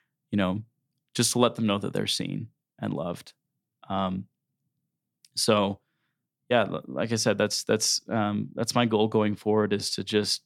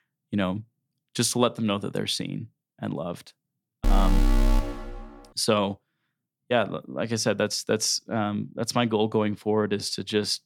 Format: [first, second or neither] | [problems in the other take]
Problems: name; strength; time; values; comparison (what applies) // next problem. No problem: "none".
first | alarm; loud; from 4 to 5 s; peak 2 dB above the speech